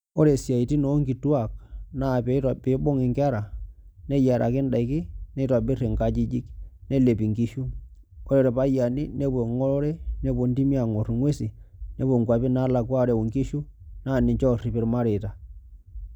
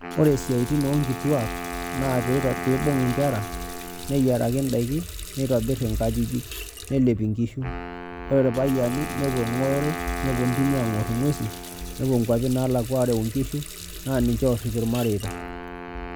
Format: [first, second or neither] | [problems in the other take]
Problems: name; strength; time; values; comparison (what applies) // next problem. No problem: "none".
first | background sound (Wind instrument, woodwind instrument + Water tap, faucet); 10 dB below the speech